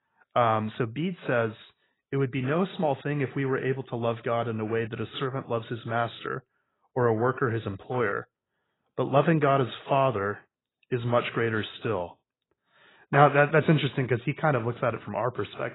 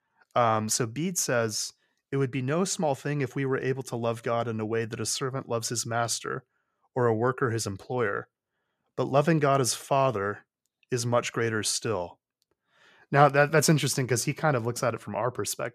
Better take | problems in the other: second | garbled, watery; badly; nothing above 4 kHz

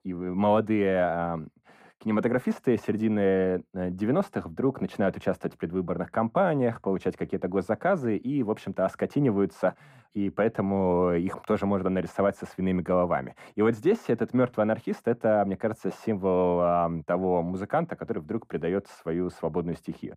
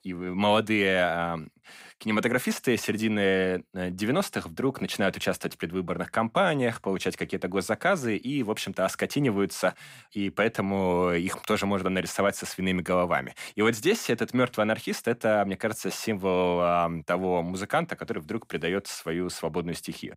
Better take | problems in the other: second | muffled; very; fading above 2 kHz

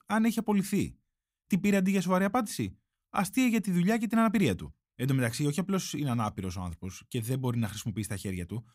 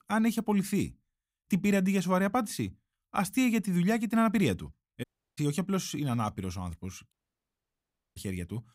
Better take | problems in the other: first | audio cutting out; at 5 s and at 7 s for 1 s

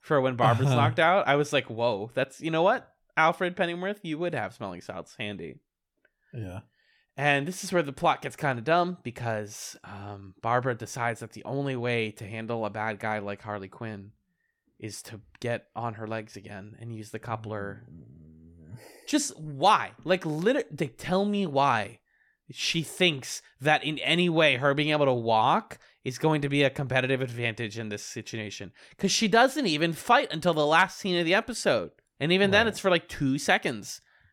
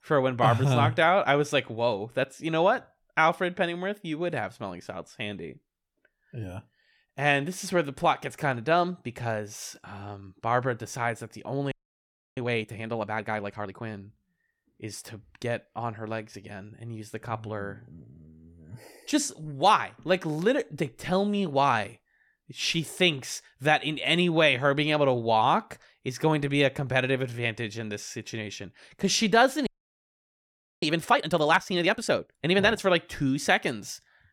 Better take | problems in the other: first | audio freezing; at 12 s for 0.5 s and at 30 s for 1 s

